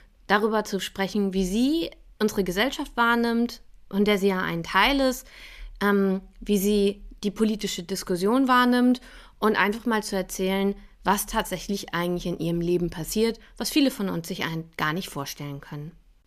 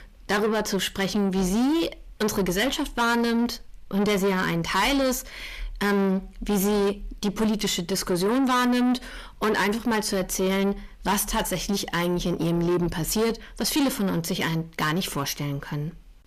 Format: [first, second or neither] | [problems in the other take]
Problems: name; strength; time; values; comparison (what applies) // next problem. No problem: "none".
first | distortion; heavy; 7 dB below the speech